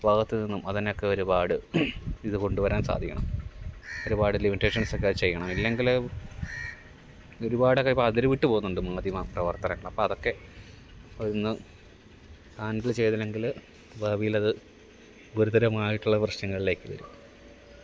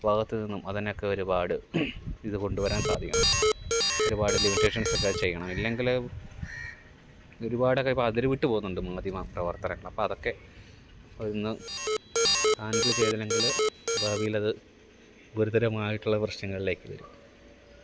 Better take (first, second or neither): first